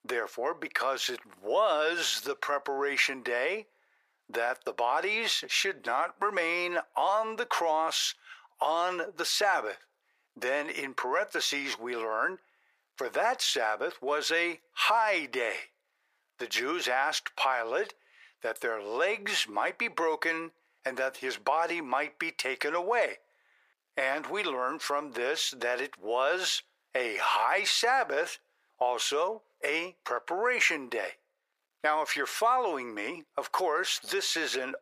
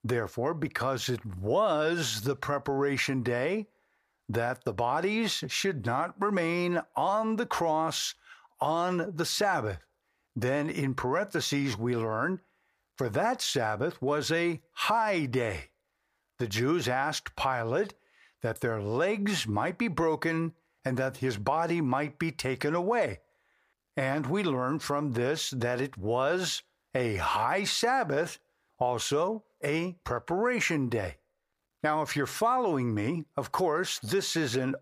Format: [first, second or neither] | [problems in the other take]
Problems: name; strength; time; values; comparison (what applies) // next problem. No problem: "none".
second | thin; very; fading below 400 Hz